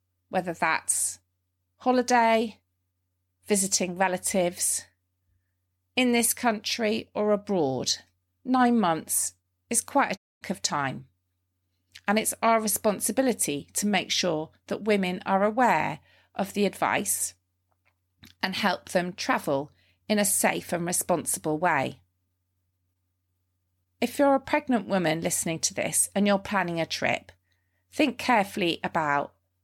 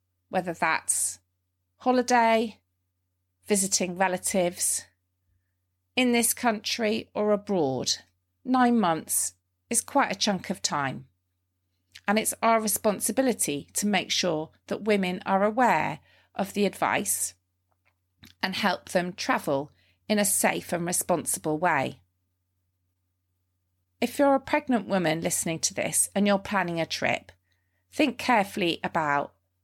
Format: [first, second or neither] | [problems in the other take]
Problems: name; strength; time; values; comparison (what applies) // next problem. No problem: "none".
second | audio cutting out; at 10 s